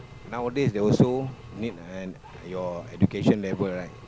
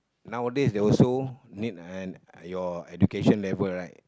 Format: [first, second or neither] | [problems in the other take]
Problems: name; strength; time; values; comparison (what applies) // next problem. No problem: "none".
second | background sound (Engine); 18 dB below the speech